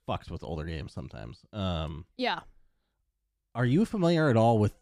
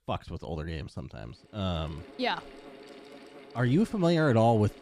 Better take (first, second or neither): first